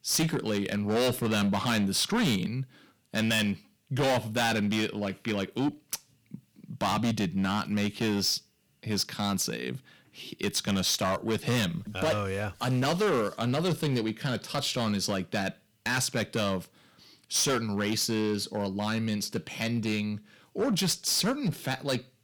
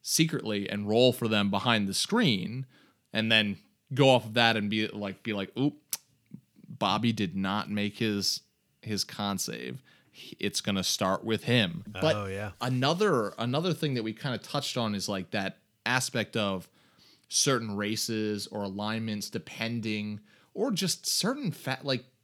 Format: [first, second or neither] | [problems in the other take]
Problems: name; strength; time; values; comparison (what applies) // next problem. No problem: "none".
second | distortion; heavy; 10% of the sound clipped